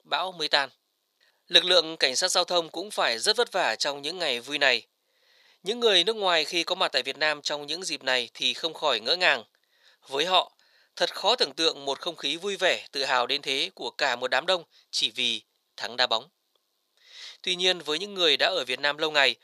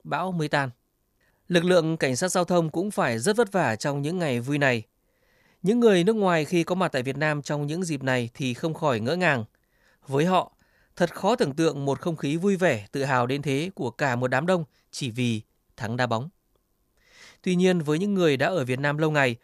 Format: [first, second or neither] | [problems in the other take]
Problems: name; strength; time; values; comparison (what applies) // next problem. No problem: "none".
second | thin; very; fading below 550 Hz